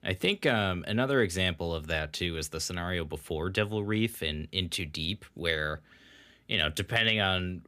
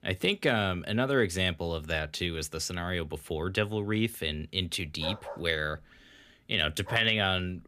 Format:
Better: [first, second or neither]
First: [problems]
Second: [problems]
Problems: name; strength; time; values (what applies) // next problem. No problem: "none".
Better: first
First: none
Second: dog barking; noticeable; from 5 to 7 s; peak 10 dB below the speech